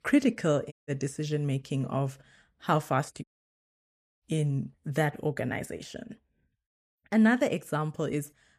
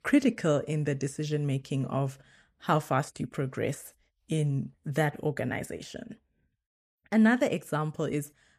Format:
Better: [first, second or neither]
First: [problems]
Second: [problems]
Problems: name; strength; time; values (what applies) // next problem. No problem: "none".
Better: second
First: audio cutting out; at 0.5 s and at 3 s for 1 s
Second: none